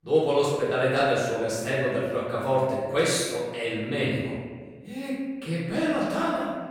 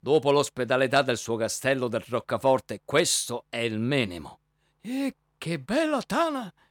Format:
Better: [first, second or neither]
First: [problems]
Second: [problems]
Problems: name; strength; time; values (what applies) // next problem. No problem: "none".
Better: second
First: room echo; noticeable; dies away in 1.4 s // off-mic speech; far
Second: none